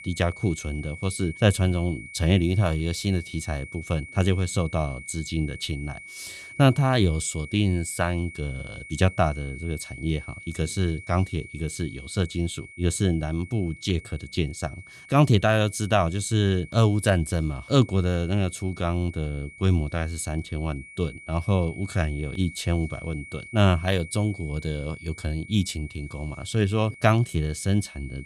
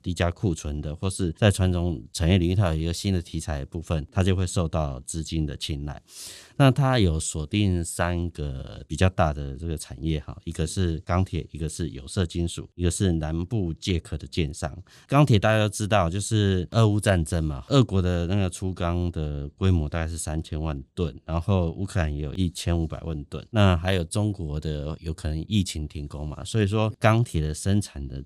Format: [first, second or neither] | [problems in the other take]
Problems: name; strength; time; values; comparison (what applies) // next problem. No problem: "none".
second | high-pitched whine; noticeable; throughout; 2 kHz, 15 dB below the speech